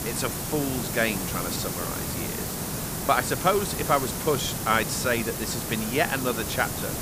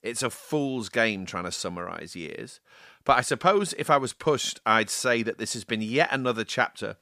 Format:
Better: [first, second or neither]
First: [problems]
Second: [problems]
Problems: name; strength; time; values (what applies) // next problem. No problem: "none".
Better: second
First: hiss; loud; throughout; 3 dB below the speech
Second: none